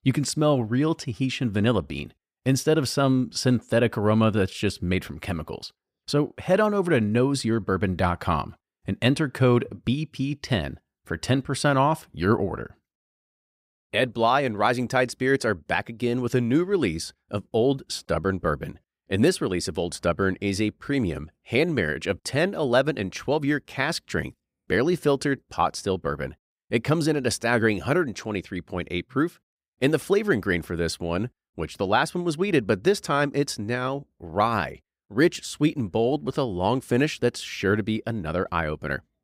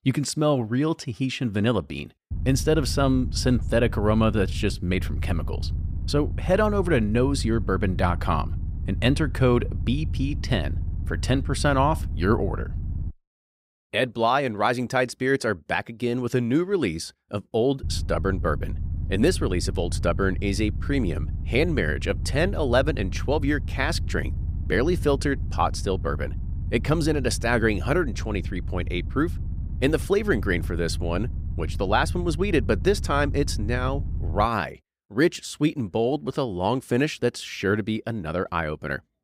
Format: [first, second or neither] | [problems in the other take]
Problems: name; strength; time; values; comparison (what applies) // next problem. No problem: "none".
first | low rumble; noticeable; from 2.5 to 13 s and from 18 to 34 s; 20 dB below the speech